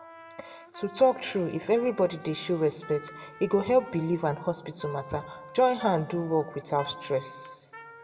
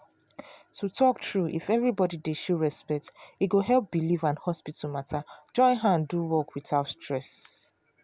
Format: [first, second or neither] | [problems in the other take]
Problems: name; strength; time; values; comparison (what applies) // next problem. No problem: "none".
second | background sound (Trumpet); 18 dB below the speech // room echo; dies away in 1.2 s